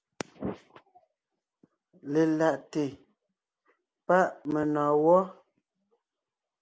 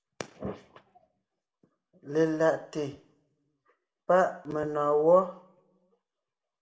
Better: first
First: none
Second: room echo; dies away in 0.5 s

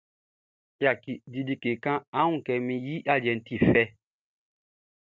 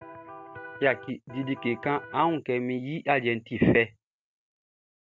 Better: first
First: none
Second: background sound (Electric guitar); 14 dB below the speech

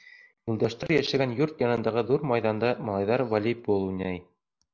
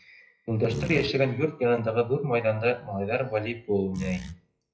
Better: first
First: none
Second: noise reduction (classical method WPE with log-MMSE)

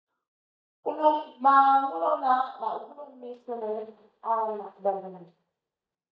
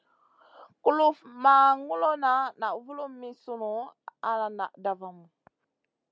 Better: second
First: noise reduction (neural mask model DeepFilterNet 3)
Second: none

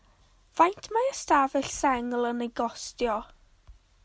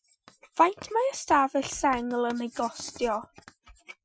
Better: first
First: none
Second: noise reduction (classical method Wiener filter)

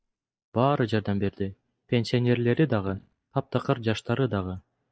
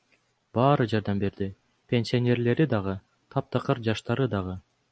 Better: second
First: noise reduction (neural mask model DeepFilterNet 3)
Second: none

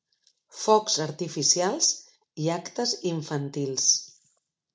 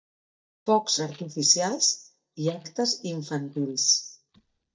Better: first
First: none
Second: noise reduction (neural mask model DeepFilterNet 3)

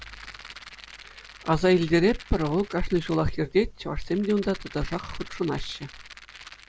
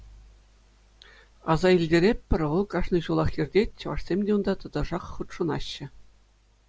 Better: second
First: background sound (Rattle); 19 dB below the speech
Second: none

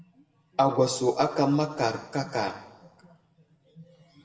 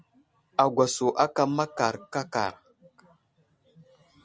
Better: second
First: room echo; dies away in 0.9 s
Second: none

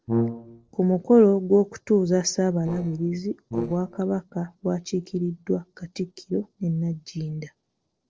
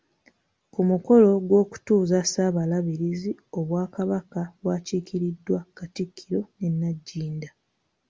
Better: second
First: noise reduction (neural separator model SepFormer DNS4)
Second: none

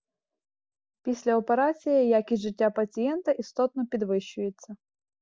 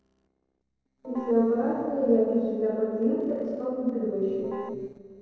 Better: first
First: none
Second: noise reduction (neural separator model SepFormer DNS4)

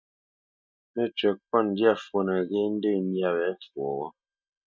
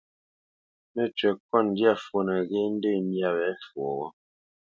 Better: second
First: noise reduction (neural mask model DeepFilterNet 3)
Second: none

